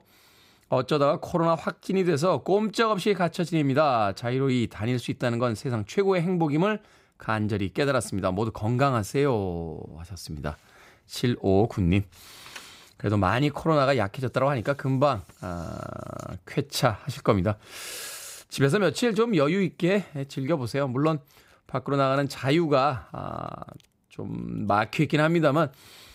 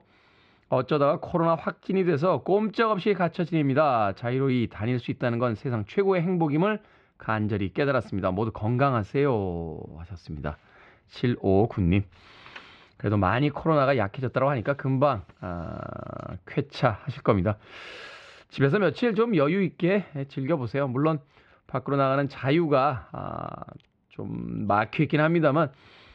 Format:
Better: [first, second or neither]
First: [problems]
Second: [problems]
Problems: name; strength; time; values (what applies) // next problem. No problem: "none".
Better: first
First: none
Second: muffled; slightly; fading above 3 kHz